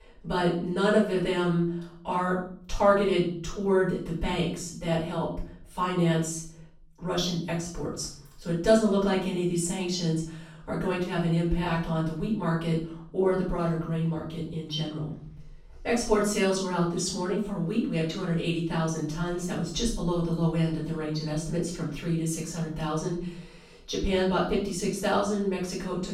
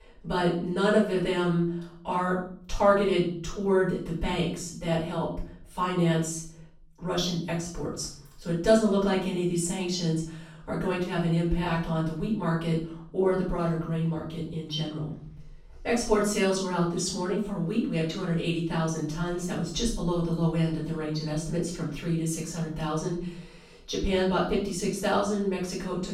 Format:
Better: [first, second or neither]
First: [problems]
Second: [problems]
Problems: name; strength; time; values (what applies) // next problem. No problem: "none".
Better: neither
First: off-mic speech; far // room echo; noticeable; dies away in 0.5 s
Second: off-mic speech; far // room echo; noticeable; dies away in 0.5 s